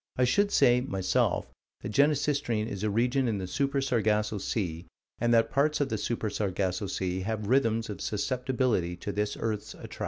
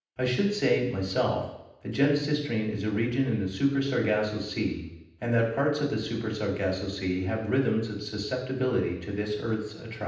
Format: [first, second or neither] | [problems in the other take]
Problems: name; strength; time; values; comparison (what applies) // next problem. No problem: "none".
first | room echo; dies away in 0.9 s